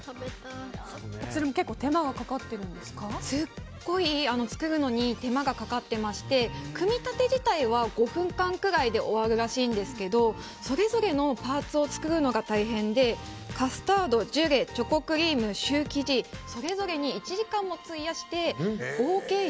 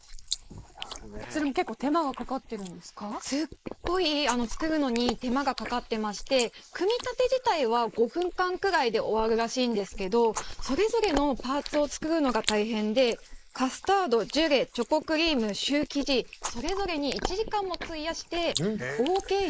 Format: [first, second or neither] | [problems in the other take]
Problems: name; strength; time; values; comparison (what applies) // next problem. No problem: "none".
first | noise reduction (neural mask model Resemble Enhance denoiser)